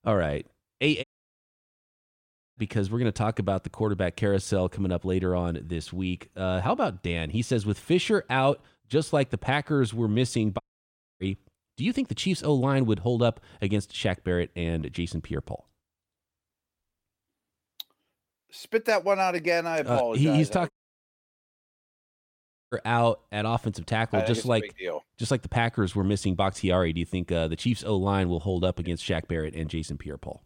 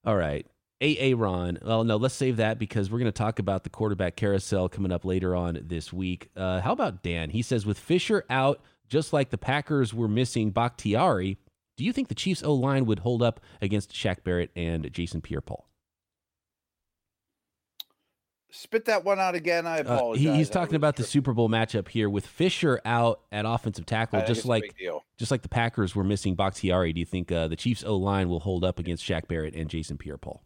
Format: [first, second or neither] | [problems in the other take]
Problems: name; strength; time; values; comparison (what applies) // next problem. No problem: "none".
second | audio cutting out; at 1 s for 1.5 s, at 11 s for 0.5 s and at 21 s for 2 s